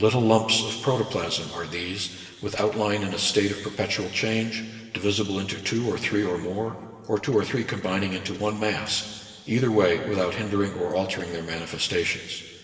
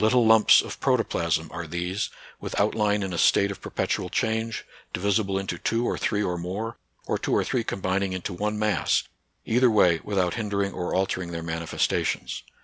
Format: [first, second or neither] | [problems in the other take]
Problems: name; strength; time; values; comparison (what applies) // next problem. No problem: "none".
second | room echo; dies away in 2.3 s